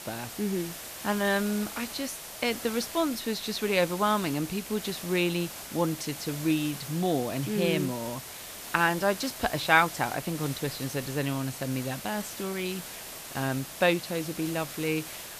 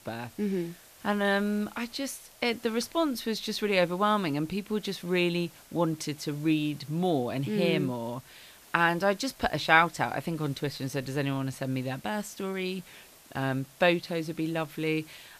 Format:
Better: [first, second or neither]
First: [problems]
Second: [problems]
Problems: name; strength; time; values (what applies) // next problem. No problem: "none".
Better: second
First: hiss; loud; throughout; 9 dB below the speech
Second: hiss; faint; throughout; 25 dB below the speech